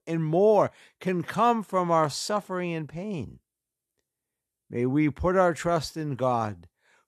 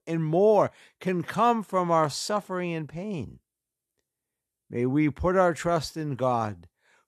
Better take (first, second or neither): neither